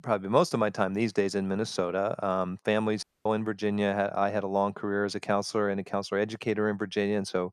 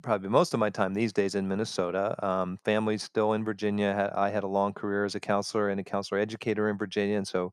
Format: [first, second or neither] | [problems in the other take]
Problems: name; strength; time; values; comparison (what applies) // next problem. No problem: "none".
second | audio cutting out; at 3 s